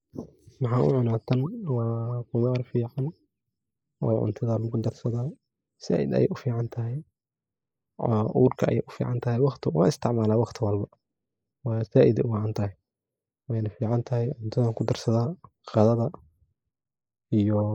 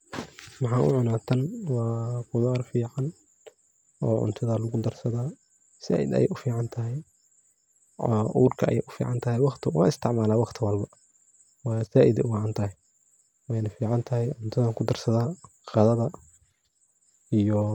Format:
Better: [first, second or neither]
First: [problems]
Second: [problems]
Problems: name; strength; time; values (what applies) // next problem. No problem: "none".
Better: second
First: noise reduction (neural mask model Resemble Enhance denoiser)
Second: none